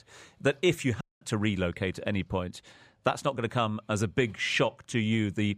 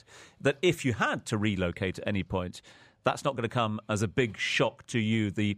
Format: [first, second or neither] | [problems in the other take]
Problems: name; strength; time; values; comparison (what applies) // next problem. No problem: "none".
second | audio cutting out; at 1 s